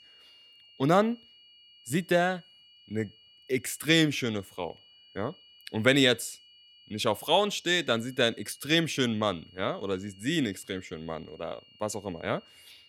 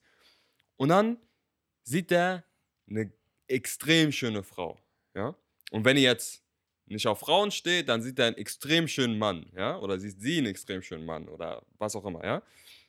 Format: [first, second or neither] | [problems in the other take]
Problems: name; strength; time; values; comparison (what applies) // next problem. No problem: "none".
second | high-pitched whine; faint; throughout; 3 kHz, 25 dB below the speech